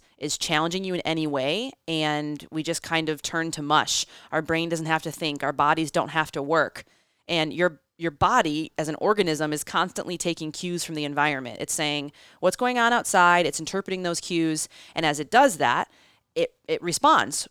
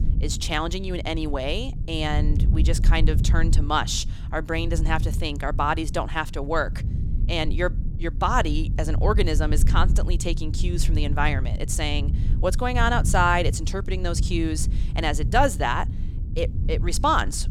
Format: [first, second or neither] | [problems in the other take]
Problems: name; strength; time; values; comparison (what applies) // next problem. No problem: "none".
first | low rumble; noticeable; throughout; 15 dB below the speech